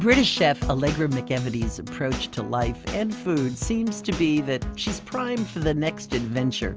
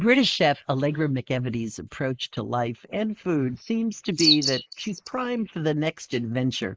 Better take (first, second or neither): first